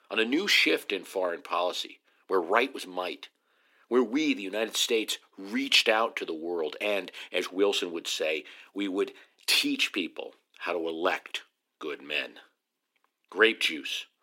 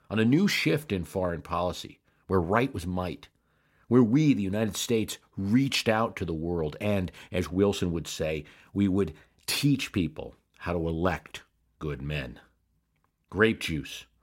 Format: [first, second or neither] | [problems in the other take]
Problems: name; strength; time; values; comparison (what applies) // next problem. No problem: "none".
second | thin; somewhat; fading below 300 Hz